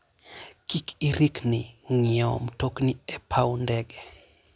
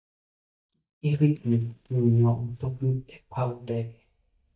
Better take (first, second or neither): first